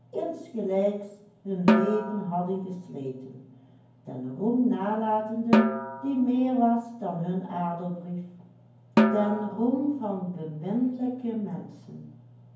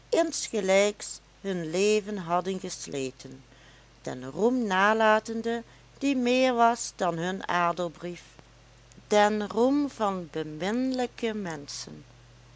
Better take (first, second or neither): second